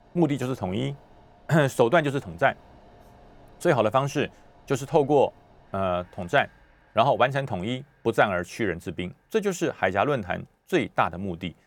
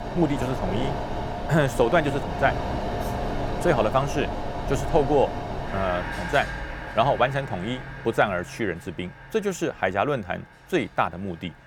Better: first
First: machinery noise; faint; throughout; 30 dB below the speech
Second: machinery noise; loud; throughout; 6 dB below the speech

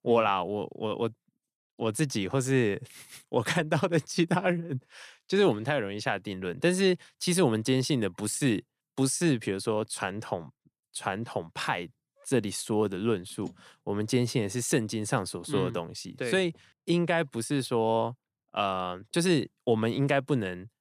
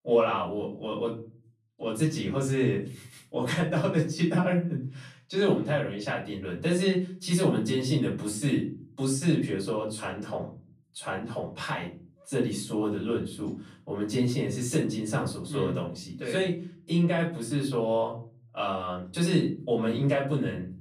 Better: first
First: none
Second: off-mic speech; far // room echo; slight; dies away in 0.5 s

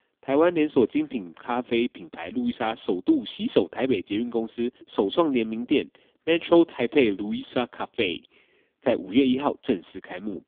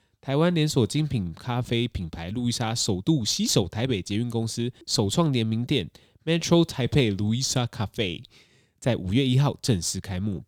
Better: second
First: phone-call audio; poor line; nothing above 3.5 kHz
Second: none

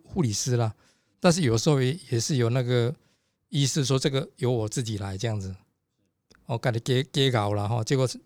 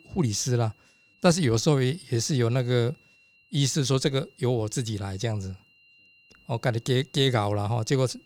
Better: first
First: none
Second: high-pitched whine; faint; throughout; 3 kHz, 30 dB below the speech

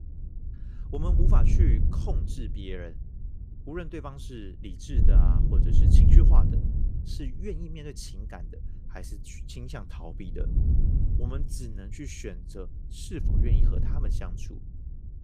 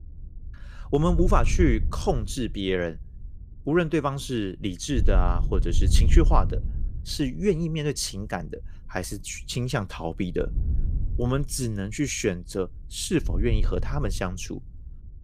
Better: second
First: wind noise on the microphone; heavy; 1 dB above the speech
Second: wind noise on the microphone; occasional gusts; 15 dB below the speech

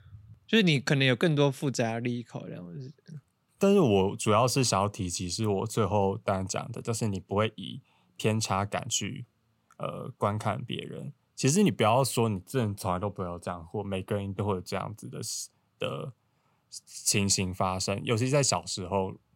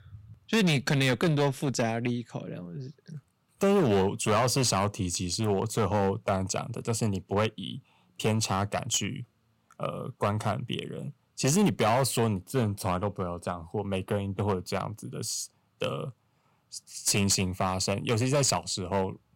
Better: first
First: none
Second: distortion; slight; 5% of the sound clipped

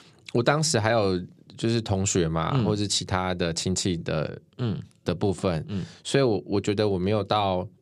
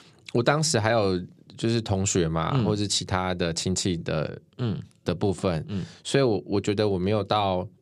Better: neither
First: none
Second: none

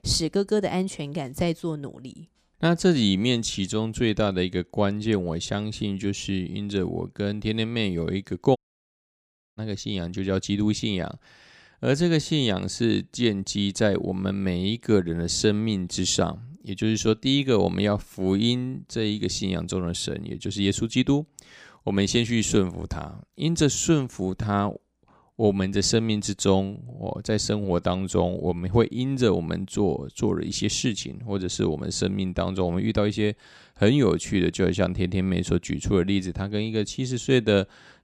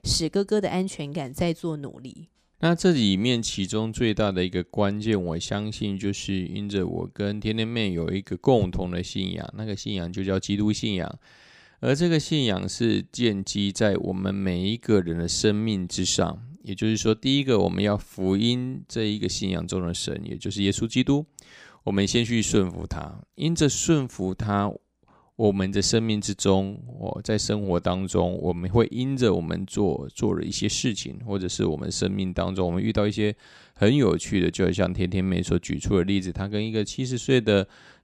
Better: second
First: audio cutting out; at 8.5 s for 1 s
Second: none

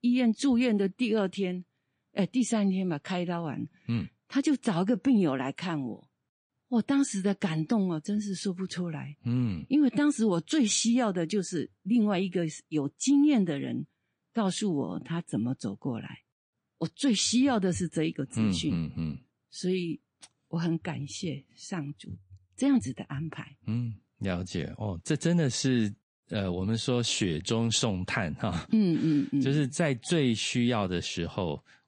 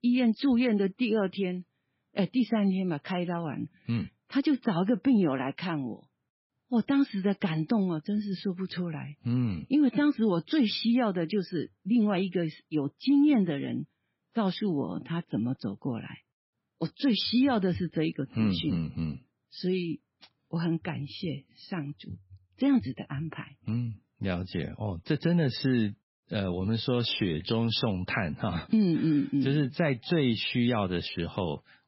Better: first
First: garbled, watery; slightly; nothing above 9 kHz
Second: garbled, watery; badly; nothing above 5.5 kHz

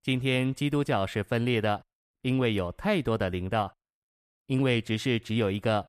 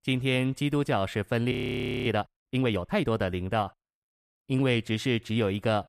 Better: first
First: none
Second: audio freezing; at 1.5 s for 0.5 s

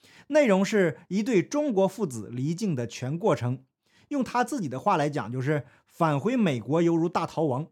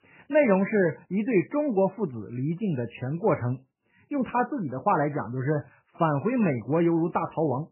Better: first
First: none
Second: garbled, watery; badly; nothing above 2.5 kHz

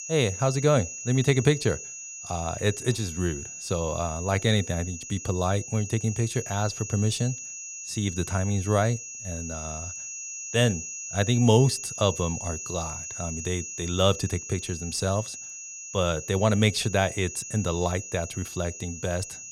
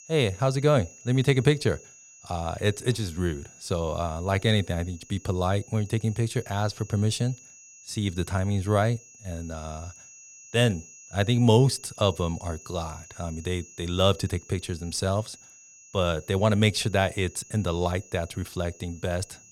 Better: second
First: high-pitched whine; loud; throughout; 6.5 kHz, 9 dB below the speech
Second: high-pitched whine; faint; throughout; 6.5 kHz, 20 dB below the speech

